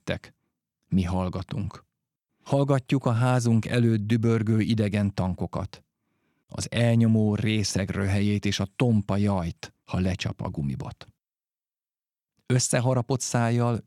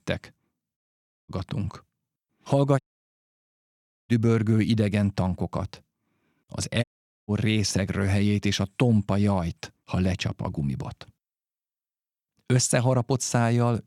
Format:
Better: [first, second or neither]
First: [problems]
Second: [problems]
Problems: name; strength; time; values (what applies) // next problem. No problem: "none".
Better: first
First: none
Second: audio cutting out; at 1 s for 0.5 s, at 3 s for 1.5 s and at 7 s